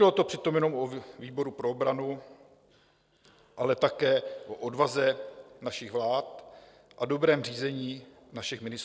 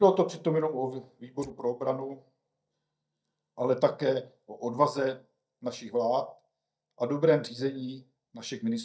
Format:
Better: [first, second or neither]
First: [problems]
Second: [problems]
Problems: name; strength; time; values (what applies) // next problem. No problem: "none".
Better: first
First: none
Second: noise reduction (neural mask model DeepFilterNet 3)